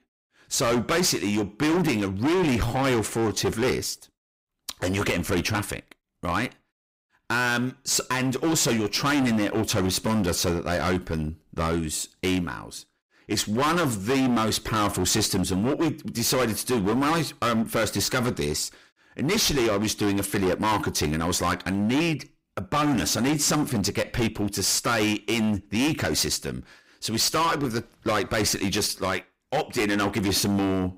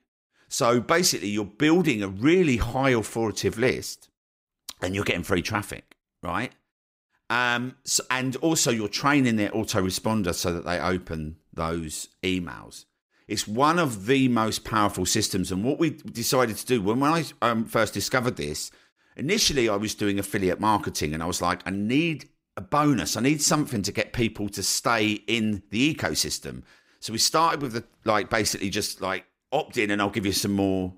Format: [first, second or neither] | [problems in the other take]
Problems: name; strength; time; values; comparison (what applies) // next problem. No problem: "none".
second | distortion; heavy; 18% of the sound clipped